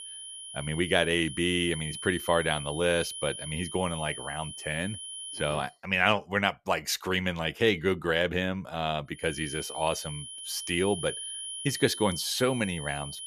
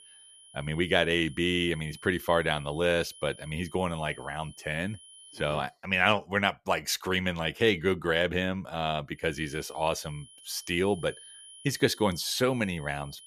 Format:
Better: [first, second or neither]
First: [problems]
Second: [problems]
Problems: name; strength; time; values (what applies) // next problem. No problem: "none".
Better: second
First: high-pitched whine; loud; until 5.5 s and from 9.5 s on; 3 kHz, 9 dB below the speech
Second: high-pitched whine; faint; until 5.5 s and from 9.5 s on; 3 kHz, 20 dB below the speech